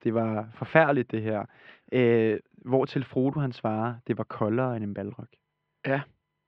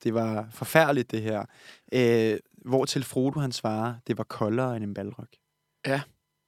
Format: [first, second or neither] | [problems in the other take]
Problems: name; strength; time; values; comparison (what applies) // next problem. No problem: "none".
second | muffled; very; fading above 3 kHz